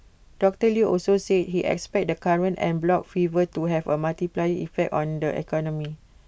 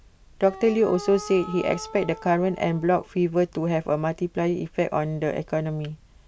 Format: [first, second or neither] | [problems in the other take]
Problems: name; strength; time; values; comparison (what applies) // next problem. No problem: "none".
first | background sound (Wind instrument, woodwind instrument); 16 dB below the speech